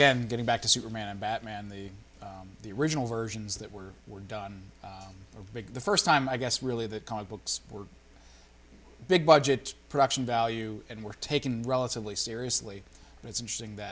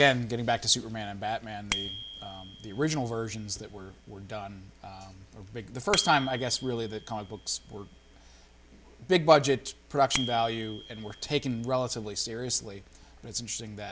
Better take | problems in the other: first | background sound (Bicycle bell); 14 dB below the speech

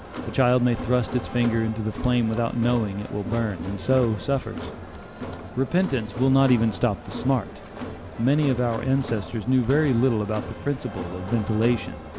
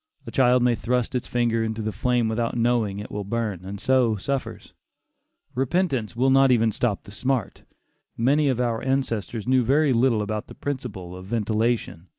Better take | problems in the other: second | background sound (Crowd); 11 dB below the speech

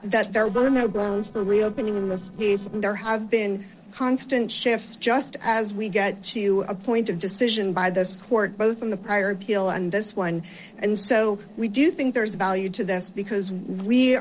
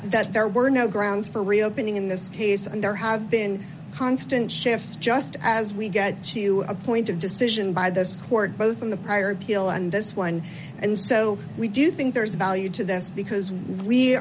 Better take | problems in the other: second | noise reduction (neural separator model SepFormer DNS4)

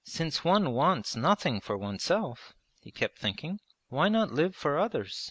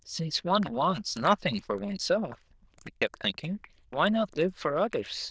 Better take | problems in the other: first | noise reduction (neural diffusion model UNIVERSE++)

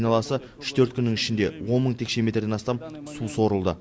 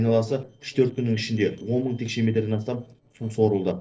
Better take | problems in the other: first | noise reduction (neural separator model SepFormer DNS4)

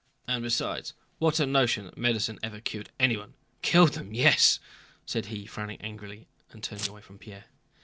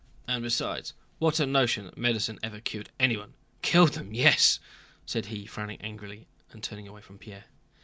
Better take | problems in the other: second | noise reduction (neural separator model SepFormer DNS4)

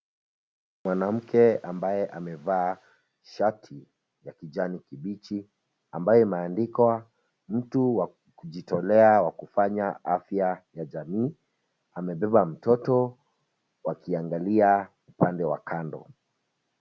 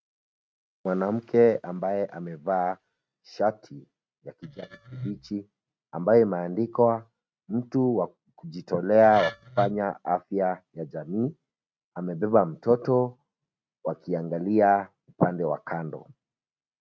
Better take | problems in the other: first | noise reduction (neural mask model RNNoise)

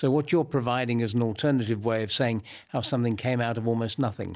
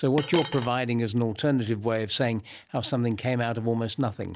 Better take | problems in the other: first | background sound (Coin (dropping)); 7 dB below the speech

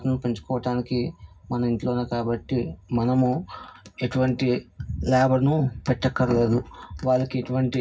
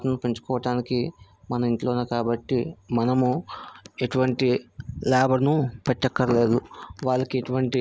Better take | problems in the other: second | room echo; dies away in 0.4 s

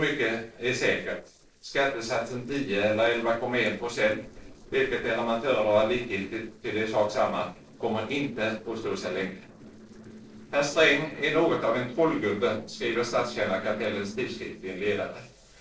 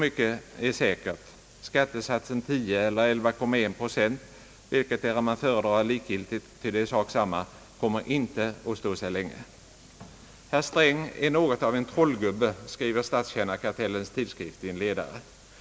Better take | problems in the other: second | noise reduction (neural separator model SepFormer DNS4)

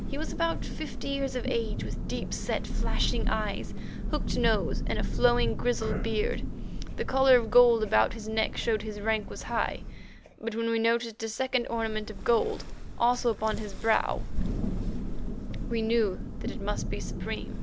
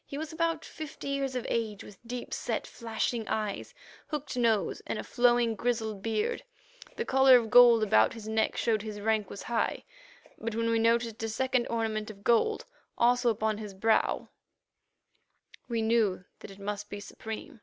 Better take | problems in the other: second | background sound (Thunder); 2 dB below the speech

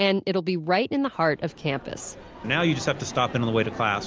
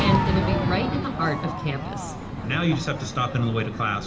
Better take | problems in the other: first | background sound (Crowd / Fireworks); 1 dB below the speech // room echo; dies away in 1.4 s

